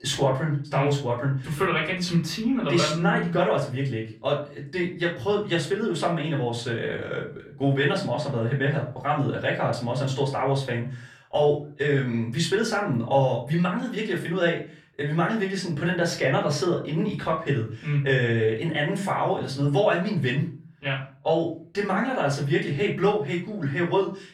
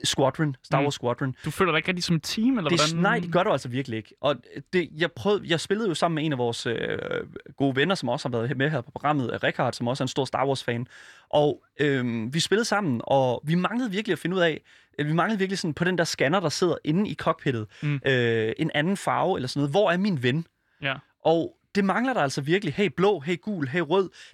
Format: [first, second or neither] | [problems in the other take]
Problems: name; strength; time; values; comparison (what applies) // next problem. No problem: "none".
second | off-mic speech; far // room echo; slight; dies away in 0.3 s